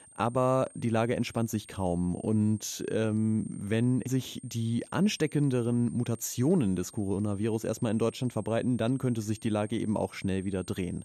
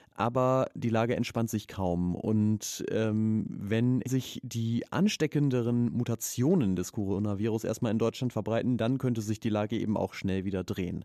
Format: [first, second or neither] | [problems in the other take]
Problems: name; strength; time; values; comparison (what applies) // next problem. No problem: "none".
second | high-pitched whine; faint; throughout; 8.5 kHz, 20 dB below the speech